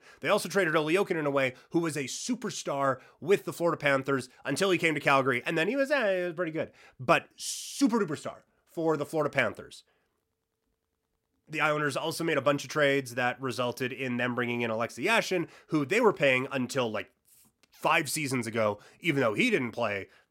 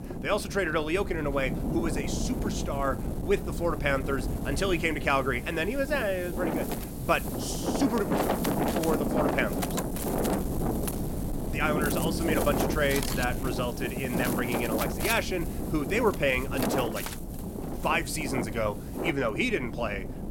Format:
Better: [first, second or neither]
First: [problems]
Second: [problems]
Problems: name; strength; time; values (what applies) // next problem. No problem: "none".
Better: first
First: none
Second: wind noise on the microphone; heavy; 5 dB below the speech